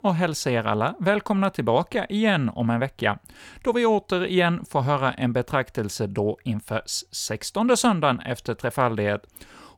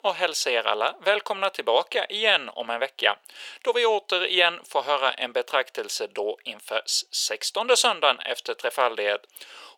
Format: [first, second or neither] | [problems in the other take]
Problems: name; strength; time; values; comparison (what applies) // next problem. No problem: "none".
first | thin; very; fading below 450 Hz